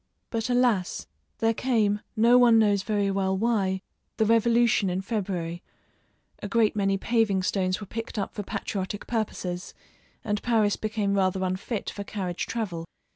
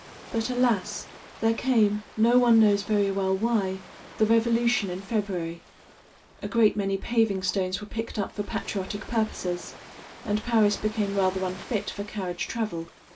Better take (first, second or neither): first